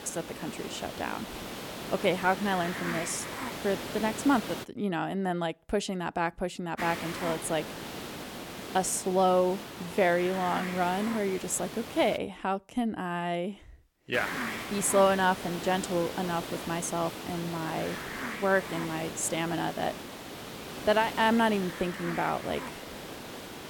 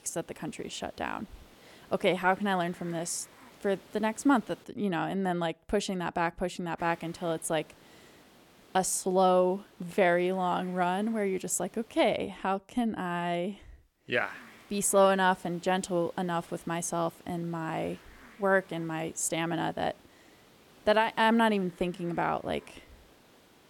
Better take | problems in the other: second | hiss; loud; until 4.5 s, from 7 to 12 s and from 14 s on; 8 dB below the speech; faint in the second

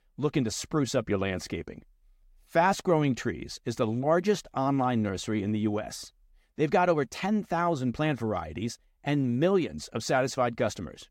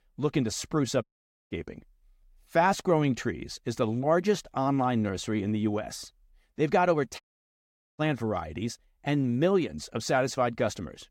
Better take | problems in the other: first | audio cutting out; at 1 s and at 7 s for 1 s

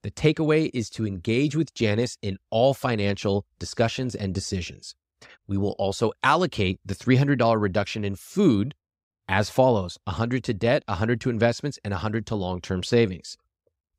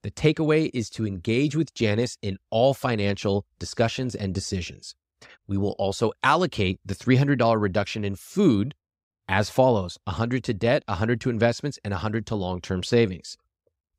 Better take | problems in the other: neither | none

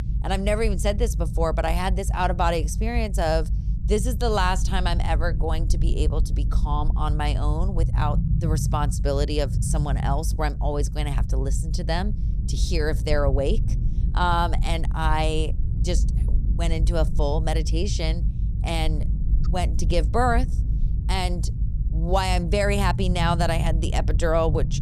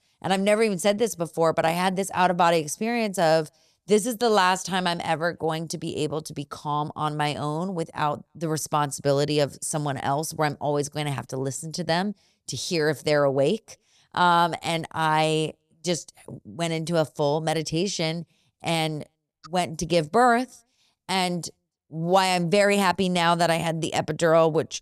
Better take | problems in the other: second | low rumble; noticeable; throughout; 15 dB below the speech

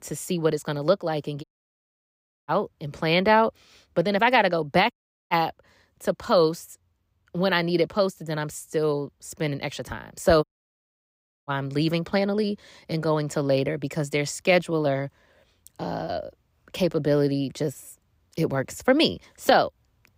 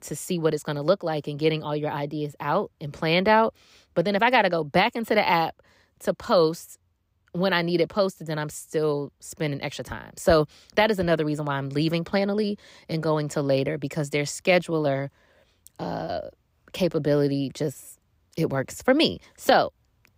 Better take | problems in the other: second | audio cutting out; at 1.5 s for 1 s, at 5 s and at 10 s for 1 s

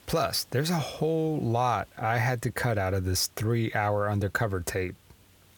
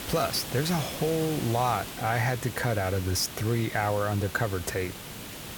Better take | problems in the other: first | hiss; loud; throughout; 9 dB below the speech; faint in the first

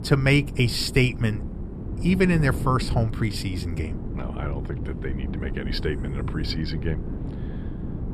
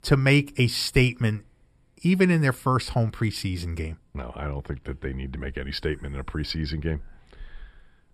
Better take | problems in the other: second | wind noise on the microphone; occasional gusts; 10 dB below the speech

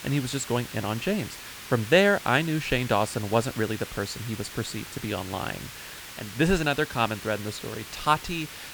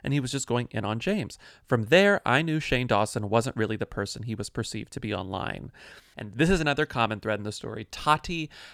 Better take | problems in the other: second | hiss; noticeable; throughout; 10 dB below the speech

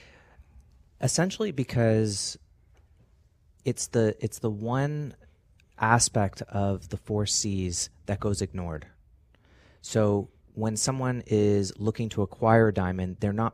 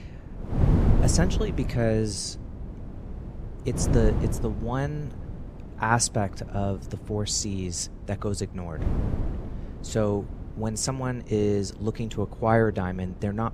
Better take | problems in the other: first | wind noise on the microphone; occasional gusts; 10 dB below the speech

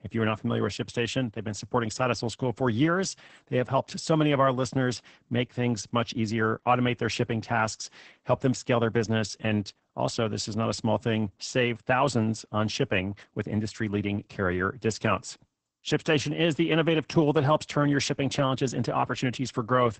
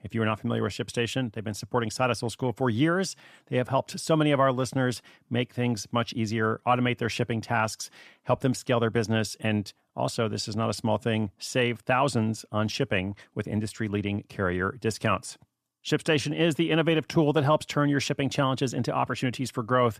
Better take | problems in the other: second | garbled, watery; badly; nothing above 8 kHz

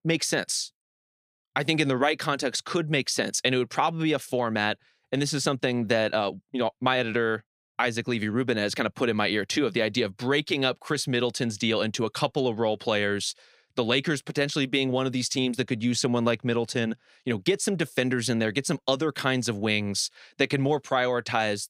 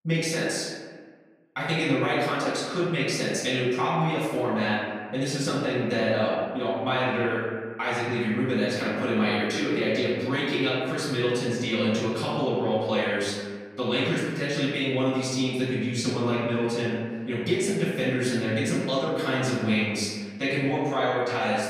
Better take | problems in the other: first | off-mic speech; far // room echo; noticeable; dies away in 1.5 s

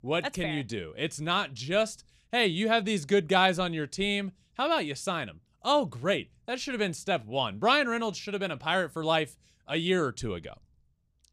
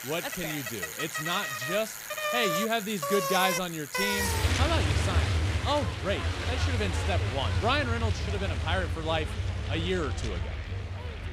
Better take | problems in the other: first | traffic noise; very loud; throughout; 1 dB above the speech

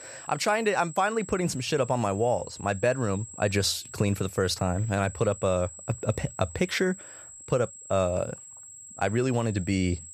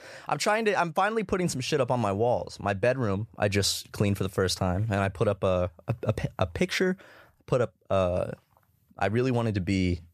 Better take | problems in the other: second | high-pitched whine; noticeable; throughout; 7.5 kHz, 15 dB below the speech

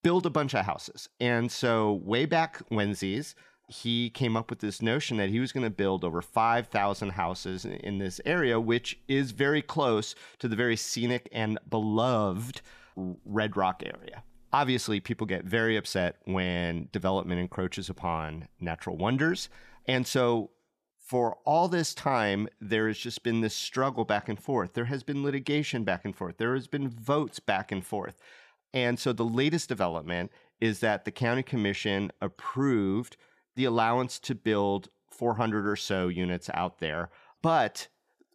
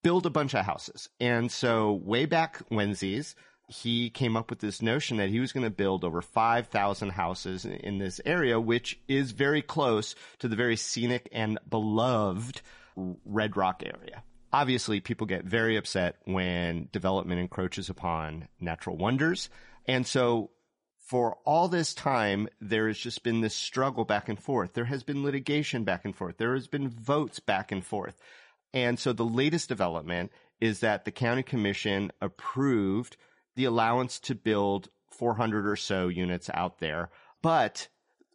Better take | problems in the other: first | garbled, watery; slightly; nothing above 10.5 kHz

